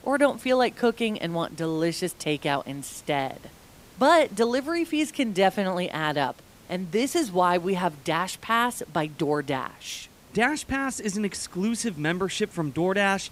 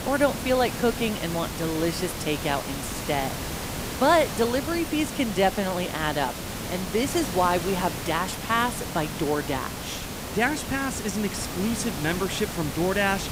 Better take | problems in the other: first | hiss; loud; throughout; 6 dB below the speech; faint in the first

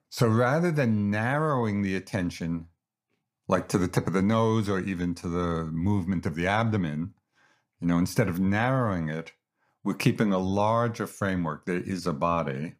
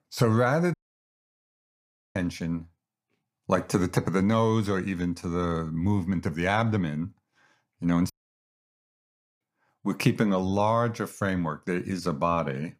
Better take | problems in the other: first | audio cutting out; at 0.5 s for 1.5 s and at 8 s for 1.5 s

